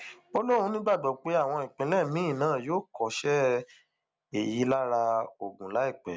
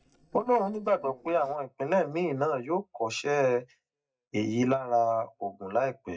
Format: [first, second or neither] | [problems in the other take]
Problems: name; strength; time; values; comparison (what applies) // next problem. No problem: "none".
first | noise reduction (neural mask model DeepFilterNet 3)